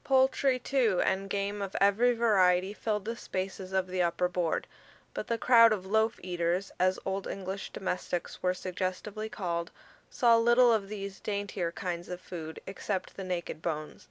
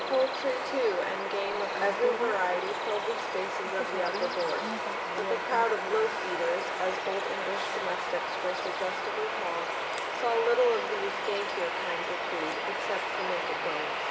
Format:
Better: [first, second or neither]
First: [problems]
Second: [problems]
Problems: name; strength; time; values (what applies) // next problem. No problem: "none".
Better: first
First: none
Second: background sound (Bird vocalization, bird call, bird song); as loud as the speech // room echo; dies away in 1.6 s